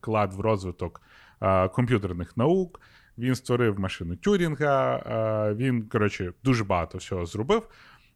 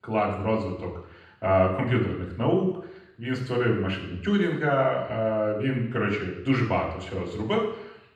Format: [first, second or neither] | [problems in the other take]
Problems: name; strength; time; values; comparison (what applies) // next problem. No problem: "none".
first | room echo; noticeable; dies away in 0.8 s // off-mic speech; far